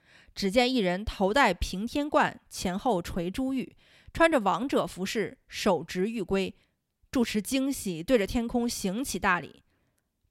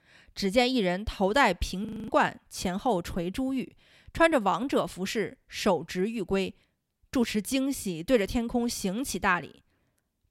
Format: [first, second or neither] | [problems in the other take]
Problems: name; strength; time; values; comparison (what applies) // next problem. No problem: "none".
first | audio freezing; at 2 s